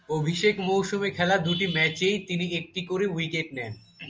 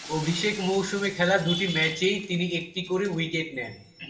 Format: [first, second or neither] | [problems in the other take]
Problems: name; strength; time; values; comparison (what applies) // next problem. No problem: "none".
first | background sound (Shatter); 18 dB below the speech // room echo; dies away in 0.6 s